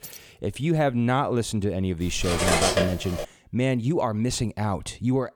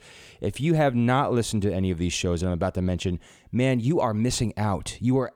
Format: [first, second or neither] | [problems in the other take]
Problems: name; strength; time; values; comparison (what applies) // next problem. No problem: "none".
second | jangling keys; faint; at the start; peak 15 dB below the speech // clattering dishes; loud; from 2 to 3.5 s; peak 5 dB above the speech